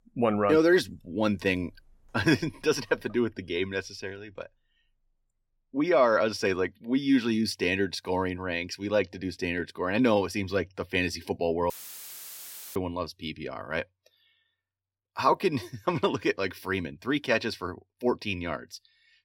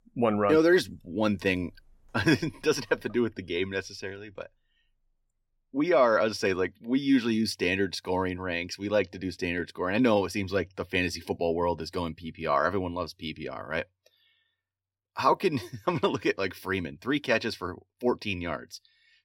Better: second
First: audio cutting out; filled with static; at 12 s for 1 s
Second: none

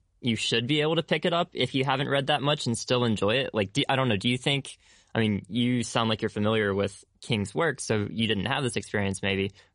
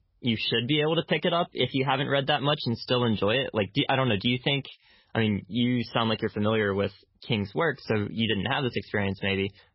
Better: first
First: garbled, watery; slightly; nothing above 10.5 kHz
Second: garbled, watery; badly; nothing above 5.5 kHz

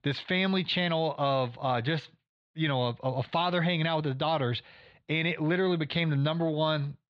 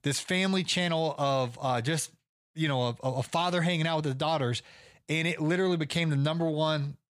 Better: second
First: muffled; slightly; fading above 4 kHz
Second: none

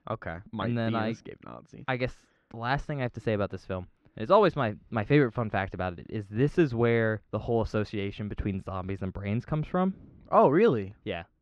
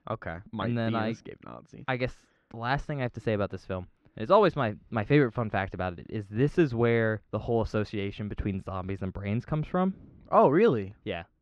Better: neither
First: muffled; slightly; fading above 2.5 kHz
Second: muffled; slightly; fading above 2.5 kHz

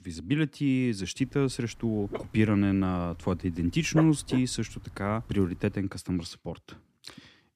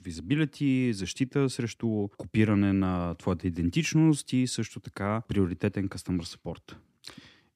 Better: second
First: dog barking; noticeable; from 2 to 5 s; peak 6 dB below the speech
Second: none

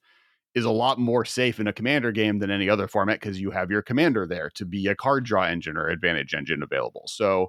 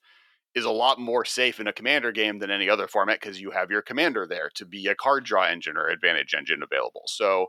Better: first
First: none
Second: thin; somewhat; fading below 500 Hz

